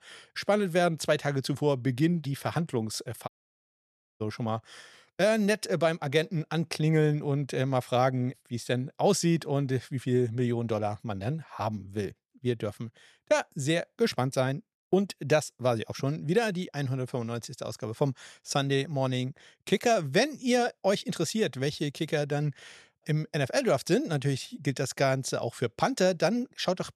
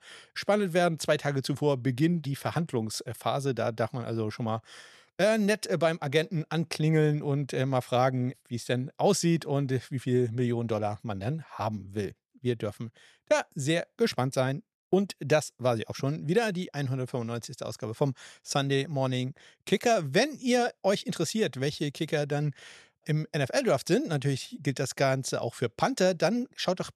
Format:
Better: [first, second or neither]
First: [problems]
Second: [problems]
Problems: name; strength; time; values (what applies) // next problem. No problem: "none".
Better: second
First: audio cutting out; at 3.5 s for 1 s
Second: none